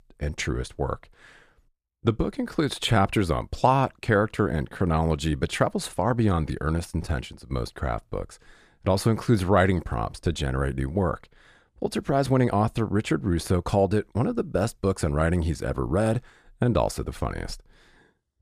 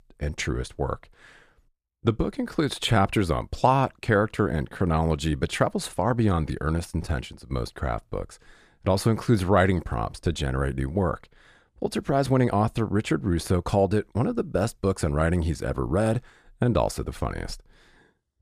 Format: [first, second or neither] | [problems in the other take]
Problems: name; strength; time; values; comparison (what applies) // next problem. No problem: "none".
neither | none